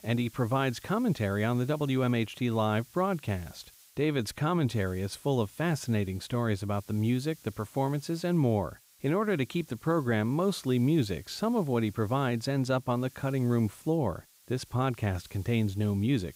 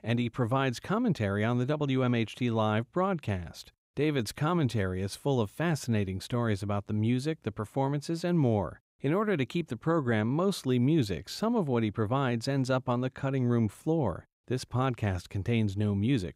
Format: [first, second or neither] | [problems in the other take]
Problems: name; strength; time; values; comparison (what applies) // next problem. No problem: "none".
second | hiss; faint; throughout; 25 dB below the speech